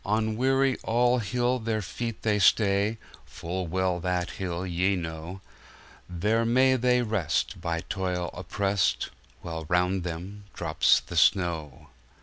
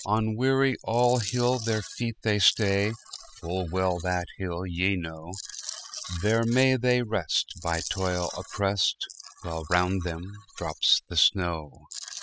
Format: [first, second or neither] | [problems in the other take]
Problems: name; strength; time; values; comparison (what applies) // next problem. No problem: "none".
first | noise reduction (classical method spectral subtraction)